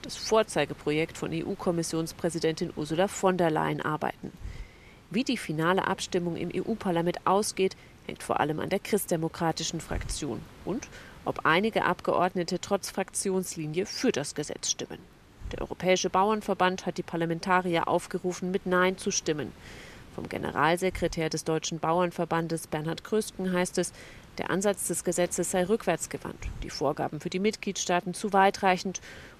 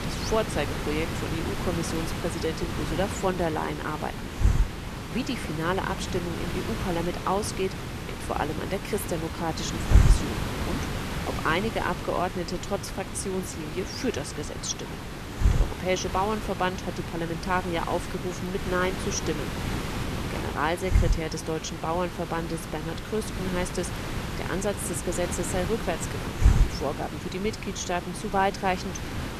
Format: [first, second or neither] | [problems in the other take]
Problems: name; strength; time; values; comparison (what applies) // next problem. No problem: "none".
first | hiss; loud; throughout; 1 dB below the speech; faint in the first